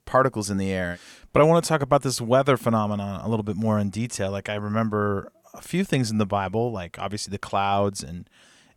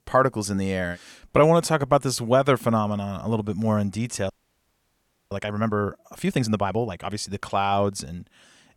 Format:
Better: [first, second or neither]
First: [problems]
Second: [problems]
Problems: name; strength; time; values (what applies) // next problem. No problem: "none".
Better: first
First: none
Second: audio freezing; at 4.5 s for 1 s